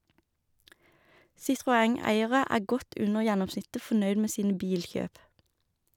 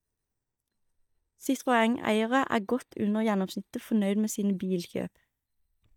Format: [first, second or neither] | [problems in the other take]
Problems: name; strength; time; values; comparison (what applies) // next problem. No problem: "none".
first | noise reduction (neural mask model DeepFilterNet 3)